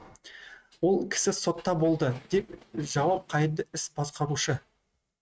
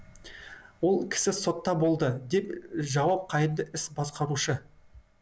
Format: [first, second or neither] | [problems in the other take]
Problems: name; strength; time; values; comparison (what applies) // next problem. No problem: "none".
second | noise reduction (neural mask model RNNoise)